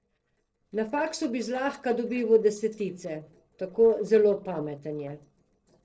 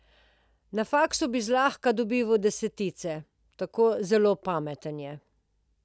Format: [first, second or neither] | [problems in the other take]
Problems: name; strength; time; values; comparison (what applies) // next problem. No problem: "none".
second | noise reduction (neural separator model SepFormer DNS4)